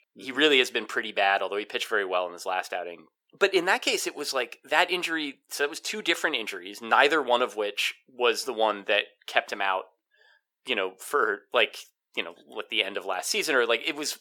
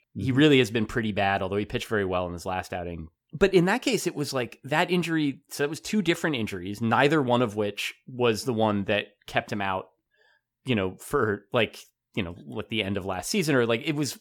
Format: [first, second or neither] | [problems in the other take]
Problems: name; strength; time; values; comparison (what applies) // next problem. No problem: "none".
second | thin; very; fading below 450 Hz